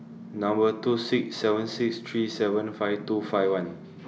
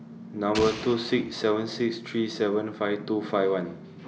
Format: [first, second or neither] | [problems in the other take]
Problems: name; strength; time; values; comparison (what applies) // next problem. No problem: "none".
first | background sound (Explosion); 10 dB below the speech